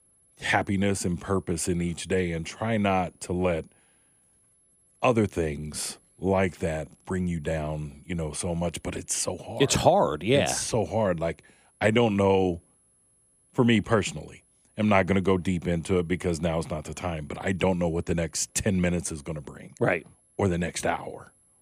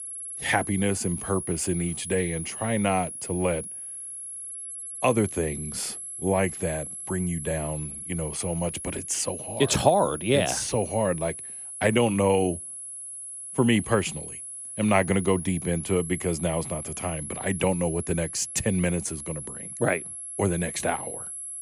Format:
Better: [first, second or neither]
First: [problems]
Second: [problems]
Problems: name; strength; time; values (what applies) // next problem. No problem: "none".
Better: first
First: high-pitched whine; faint; throughout; 11 kHz, 35 dB below the speech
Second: high-pitched whine; loud; throughout; 11 kHz, 8 dB below the speech